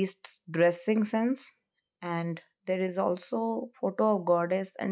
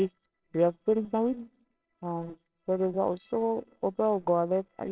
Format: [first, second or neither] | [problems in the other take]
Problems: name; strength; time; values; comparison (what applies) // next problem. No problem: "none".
first | noise reduction (neural separator model SepFormer WHAMR!)